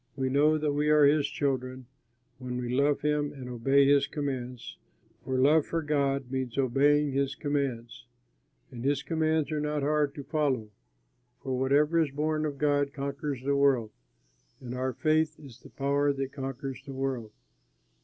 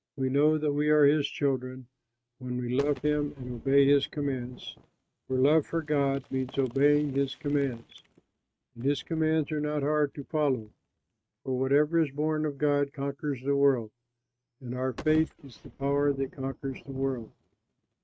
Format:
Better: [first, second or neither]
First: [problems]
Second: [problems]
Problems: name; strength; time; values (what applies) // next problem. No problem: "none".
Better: first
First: none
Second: noise reduction (neural mask model RNNoise)